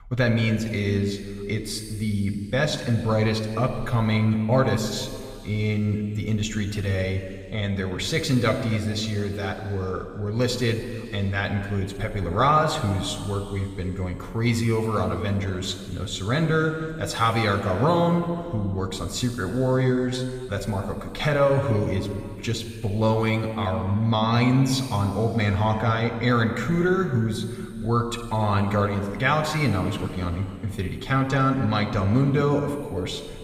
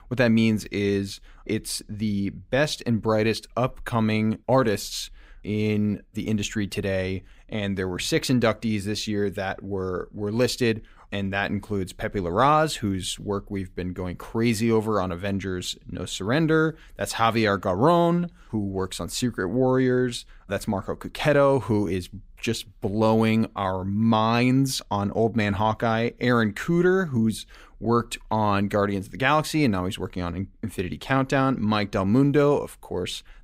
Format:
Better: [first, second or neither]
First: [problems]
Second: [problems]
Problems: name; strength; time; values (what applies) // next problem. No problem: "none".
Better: second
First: room echo; noticeable; dies away in 2.4 s // off-mic speech; somewhat distant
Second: none